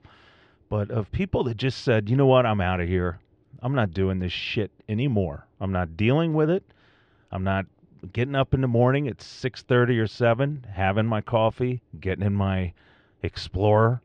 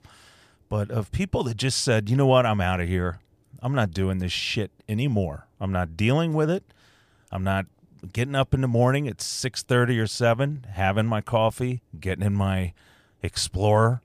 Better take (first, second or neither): second